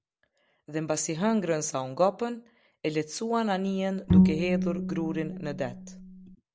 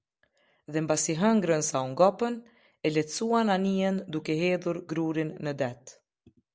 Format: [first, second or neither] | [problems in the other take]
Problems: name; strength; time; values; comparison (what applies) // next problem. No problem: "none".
second | background sound (Bowed string instrument); 4 dB above the speech